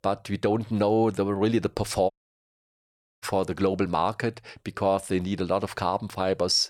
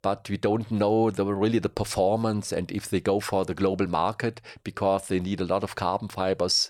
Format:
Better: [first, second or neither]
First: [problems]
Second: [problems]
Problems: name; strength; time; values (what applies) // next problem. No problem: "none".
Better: second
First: audio cutting out; at 2 s for 1 s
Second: none